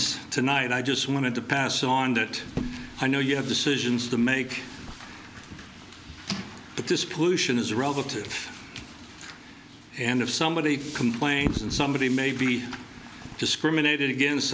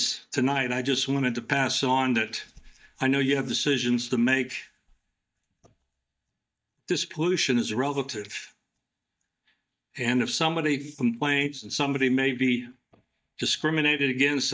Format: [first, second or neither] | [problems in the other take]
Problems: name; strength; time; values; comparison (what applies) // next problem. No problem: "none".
first | noise reduction (neural mask model DeepFilterNet 3)